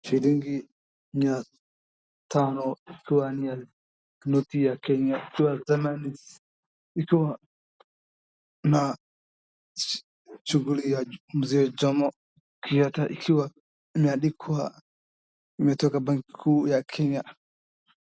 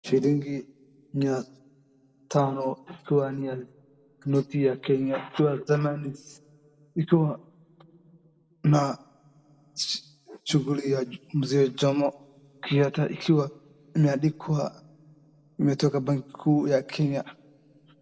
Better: first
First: none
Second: room echo; dies away in 1.8 s

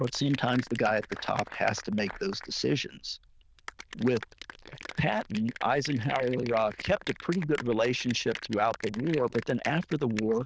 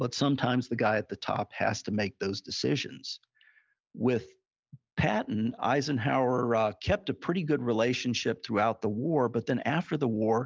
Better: second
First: noise reduction (neural diffusion model UNIVERSE++)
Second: none

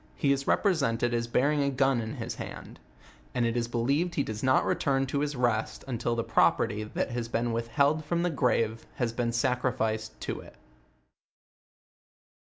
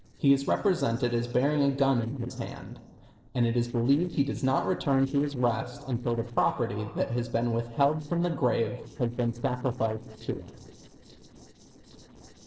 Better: first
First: none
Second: noise reduction (neural separator model SepFormer DNS4)

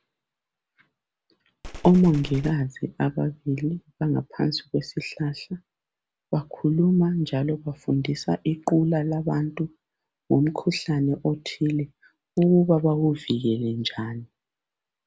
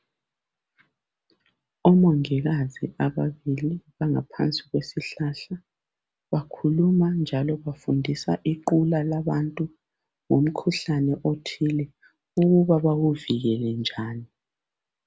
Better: second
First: background sound (Gunshot, gunfire); 15 dB below the speech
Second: none

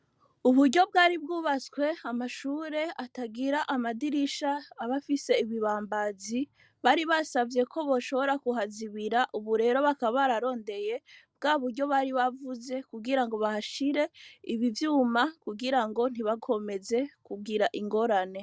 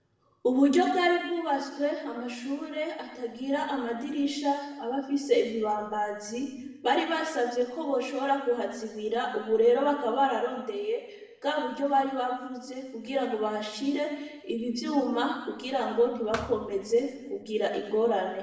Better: first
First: none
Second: background sound (Thump, thud); 14 dB below the speech // room echo; dies away in 1 s

